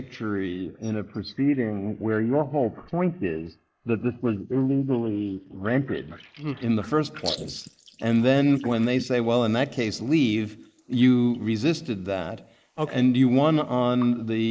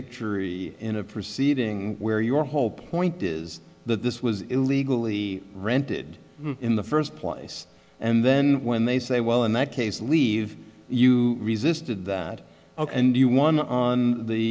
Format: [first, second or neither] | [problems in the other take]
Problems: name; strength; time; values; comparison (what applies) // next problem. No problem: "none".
second | noise reduction (neural mask model Resemble Enhance denoiser)